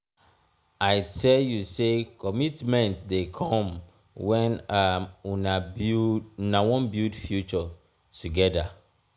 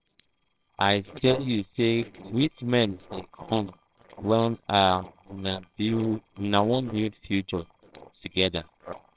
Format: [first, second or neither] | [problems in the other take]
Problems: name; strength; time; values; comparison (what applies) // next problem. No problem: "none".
first | noise reduction (neural separator model SepFormer WHAMR!)